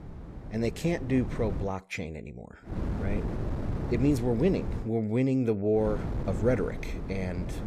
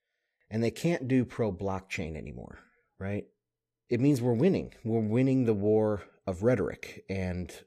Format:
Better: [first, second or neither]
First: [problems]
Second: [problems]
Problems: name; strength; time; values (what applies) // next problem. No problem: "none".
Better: second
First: wind noise on the microphone; occasional gusts; until 1.5 s, from 2.5 to 5 s and from 6 s on; 10 dB below the speech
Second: none